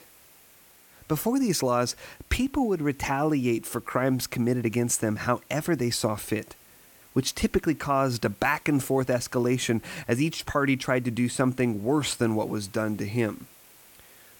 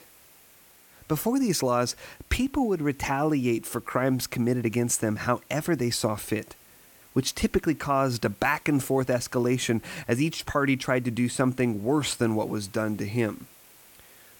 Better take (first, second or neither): neither